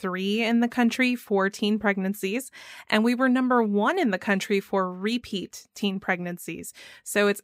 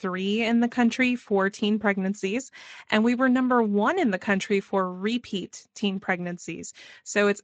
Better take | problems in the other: first | garbled, watery; slightly; nothing above 7.5 kHz

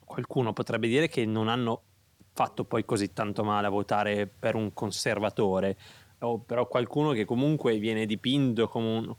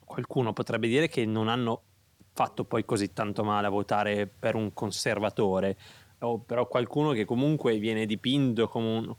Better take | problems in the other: neither | hiss; faint; throughout; 30 dB below the speech; the same in both

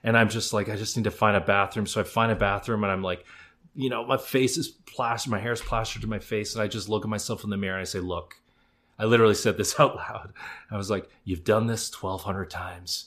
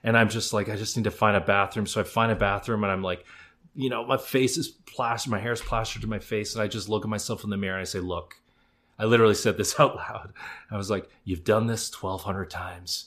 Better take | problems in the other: neither | none

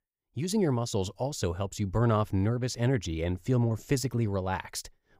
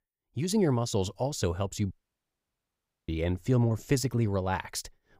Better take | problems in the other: first | audio cutting out; at 2 s for 1 s

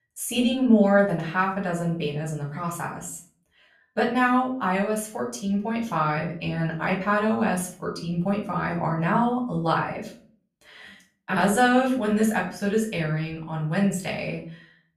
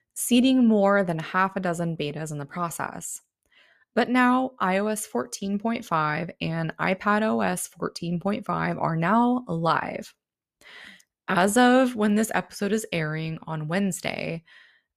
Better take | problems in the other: second | room echo; slight; dies away in 0.4 s // off-mic speech; far

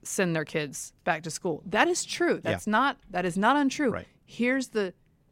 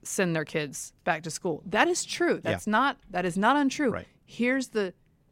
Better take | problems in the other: neither | none

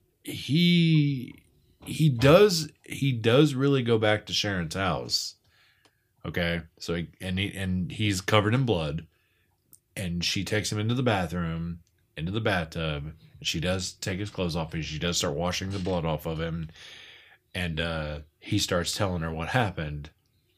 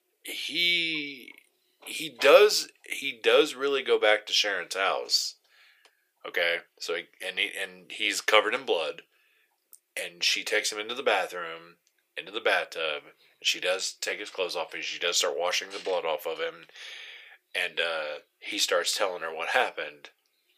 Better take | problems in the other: first | thin; very; fading below 450 Hz

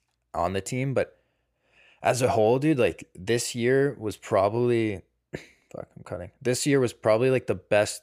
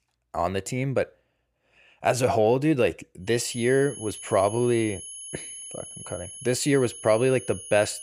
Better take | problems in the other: first | high-pitched whine; noticeable; from 3.5 s on; 10.5 kHz, 15 dB below the speech

